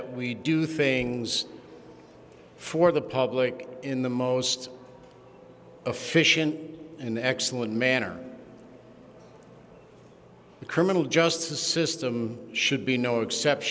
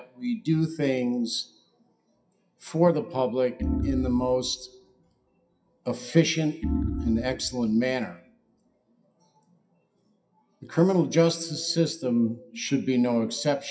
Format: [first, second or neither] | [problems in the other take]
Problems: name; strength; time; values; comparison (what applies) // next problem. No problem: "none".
first | noise reduction (classical method WPE with log-MMSE)